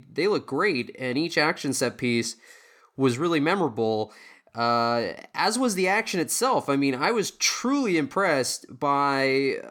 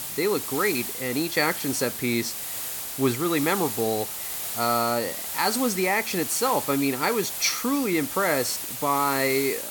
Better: first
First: none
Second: hiss; loud; throughout; 5 dB below the speech

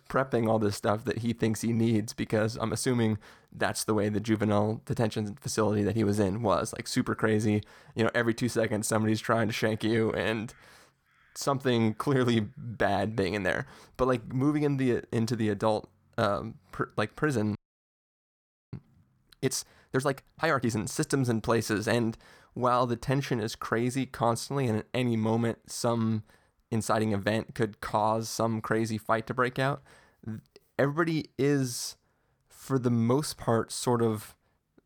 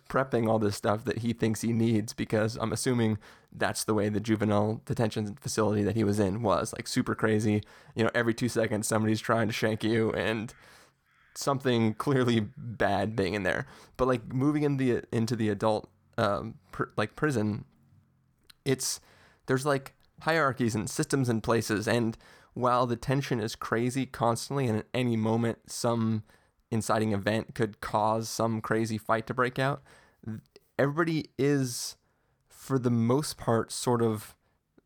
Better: second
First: audio freezing; at 18 s for 1 s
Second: none

